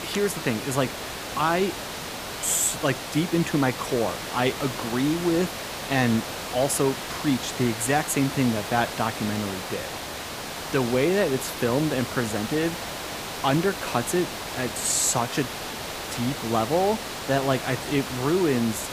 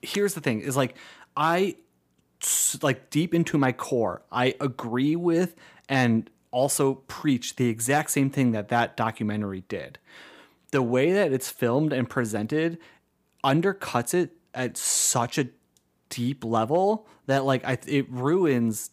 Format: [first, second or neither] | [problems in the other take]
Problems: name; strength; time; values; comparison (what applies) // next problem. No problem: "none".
second | hiss; loud; throughout; 7 dB below the speech